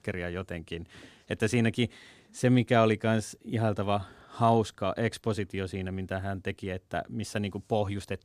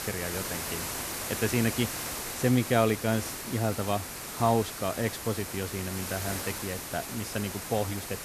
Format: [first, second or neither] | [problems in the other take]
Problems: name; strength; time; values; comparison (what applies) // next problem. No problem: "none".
first | hiss; loud; throughout; 4 dB below the speech